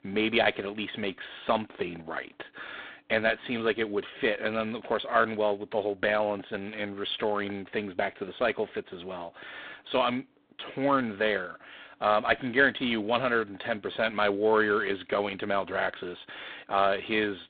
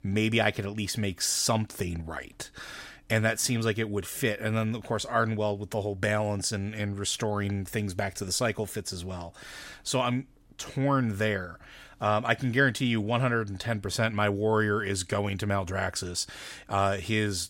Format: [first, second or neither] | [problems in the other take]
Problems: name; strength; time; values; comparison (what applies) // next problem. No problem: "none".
second | phone-call audio; poor line; nothing above 3.5 kHz